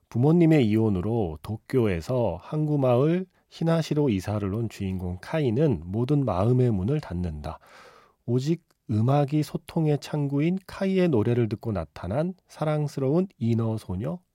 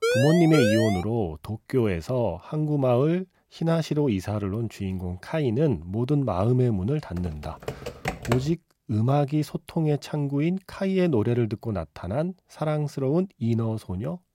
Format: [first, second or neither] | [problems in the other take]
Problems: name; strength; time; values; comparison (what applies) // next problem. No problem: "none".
first | siren; loud; until 1 s; peak 2 dB above the speech // keyboard typing; noticeable; from 7 to 8.5 s; peak 4 dB below the speech